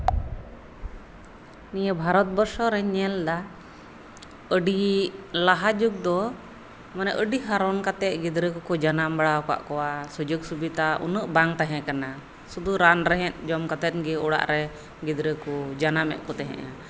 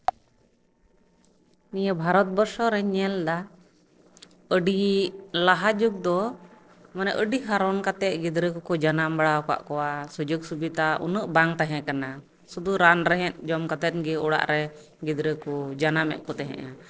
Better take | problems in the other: first | noise reduction (neural separator model SepFormer DNS4)

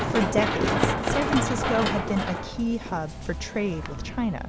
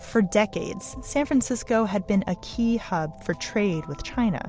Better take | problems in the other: second | background sound (Run); 1 dB above the speech

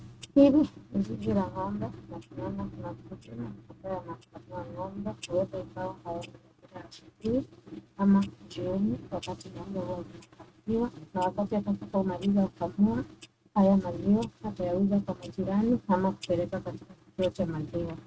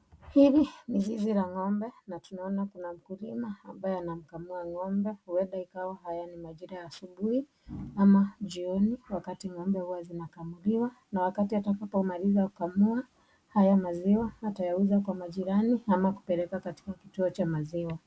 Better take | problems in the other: second | noise reduction (neural mask model RNNoise)

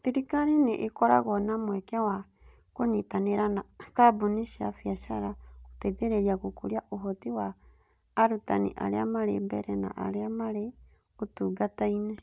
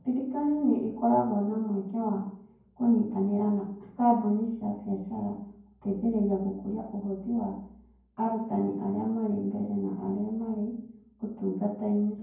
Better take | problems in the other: first | room echo; dies away in 0.9 s

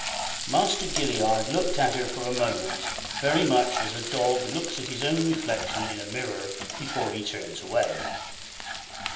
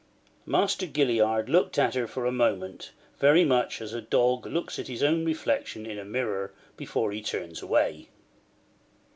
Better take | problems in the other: second | background sound (Frying (food)); 5 dB below the speech // room echo; dies away in 1.6 s

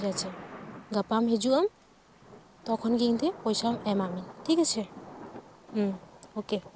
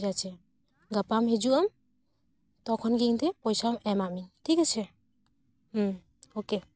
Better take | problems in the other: second | background sound (Thunder / Rain); 16 dB below the speech

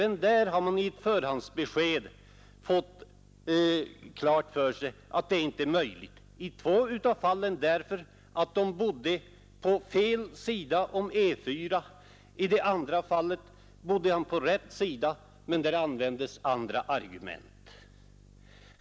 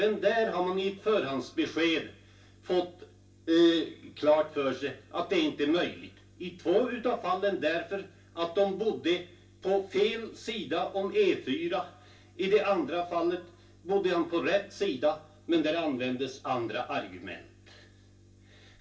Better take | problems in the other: first | room echo; dies away in 0.3 s

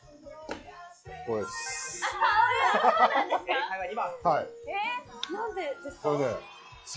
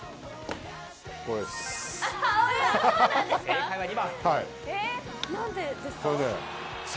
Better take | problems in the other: second | noise reduction (classical method log-MMSE)

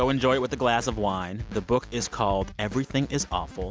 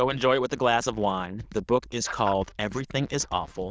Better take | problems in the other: first | noise reduction (neural diffusion model UNIVERSE++)

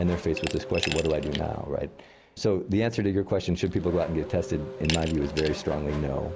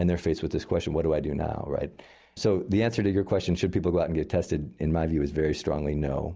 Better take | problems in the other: second | background sound (Glass + Race car, auto racing / Accelerating, revving, vroom); 10 dB below the speech

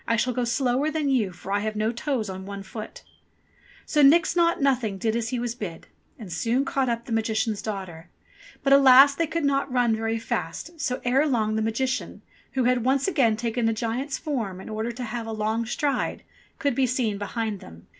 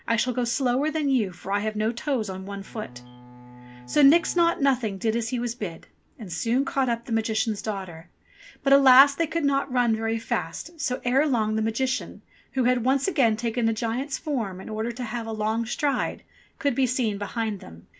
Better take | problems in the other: first | background sound (Bowed string instrument); 20 dB below the speech

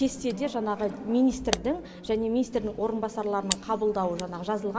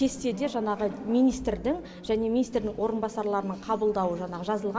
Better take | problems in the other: second | background sound (Camera); 13 dB below the speech

